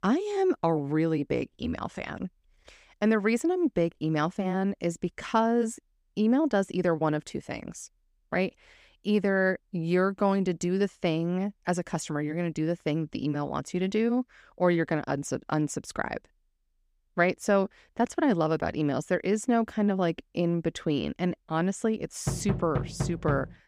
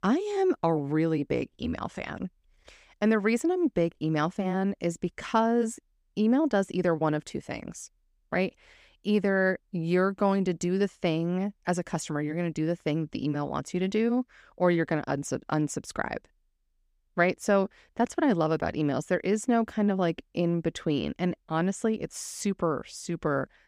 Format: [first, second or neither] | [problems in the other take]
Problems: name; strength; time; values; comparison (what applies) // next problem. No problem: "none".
second | door banging; noticeable; from 22 s on; peak 4 dB below the speech